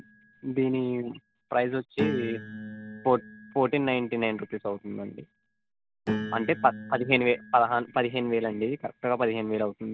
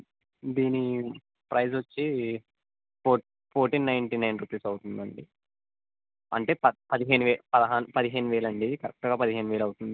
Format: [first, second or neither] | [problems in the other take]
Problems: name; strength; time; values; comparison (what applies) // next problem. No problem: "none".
second | background sound (Piano); 12 dB below the speech